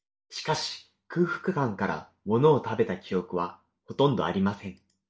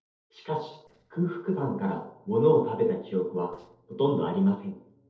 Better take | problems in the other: first | noise reduction (neural separator model SepFormer DNS4)

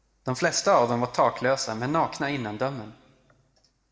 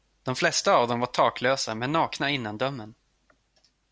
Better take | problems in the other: second | room echo; dies away in 1 s

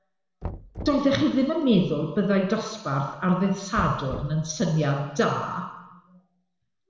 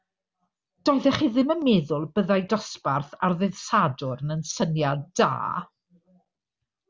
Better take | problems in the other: second | background sound (Knock); 16 dB below the speech // room echo; dies away in 1 s

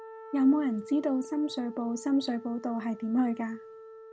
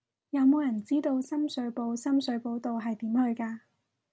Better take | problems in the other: second | background sound (Wind instrument, woodwind instrument); 16 dB below the speech

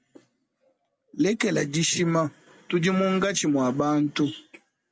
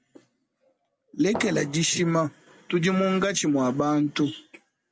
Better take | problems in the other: first | background sound (Fireworks); 12 dB below the speech

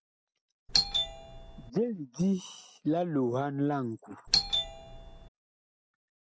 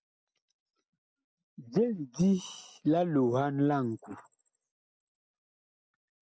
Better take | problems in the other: second | background sound (Doorbell); 3 dB above the speech

